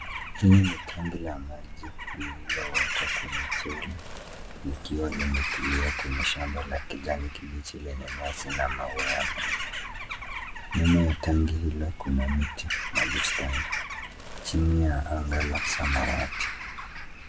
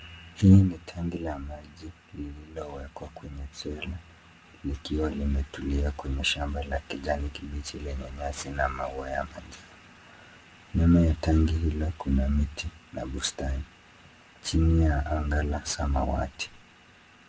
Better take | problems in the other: second | background sound (Bird vocalization, bird call, bird song / Crow); 4 dB below the speech

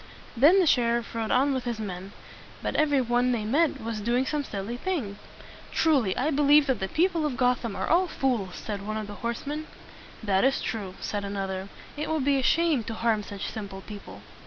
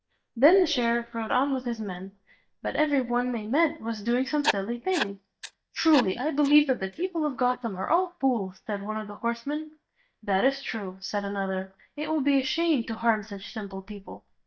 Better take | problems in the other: first | noise reduction (neural mask model DeepFilterNet 3)

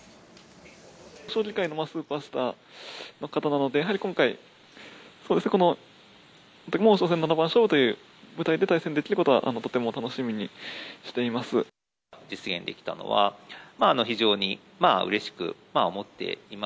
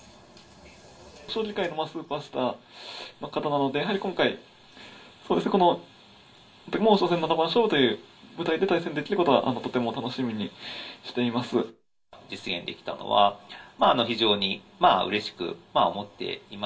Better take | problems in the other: first | room echo; dies away in 0.2 s

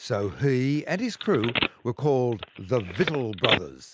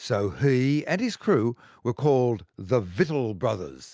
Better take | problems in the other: second | noise reduction (neural mask model Resemble Enhance denoiser)

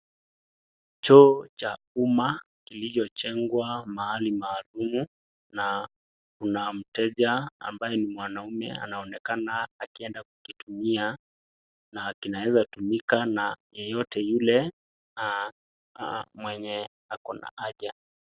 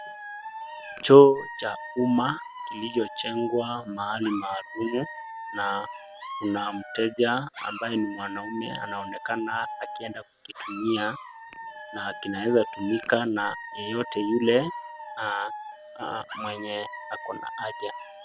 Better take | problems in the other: first | background sound (Alarm / Dog); 12 dB below the speech

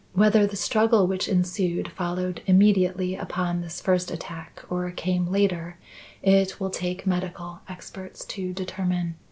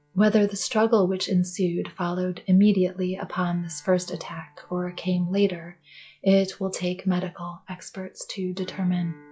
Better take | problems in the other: first | noise reduction (classical method log-MMSE)

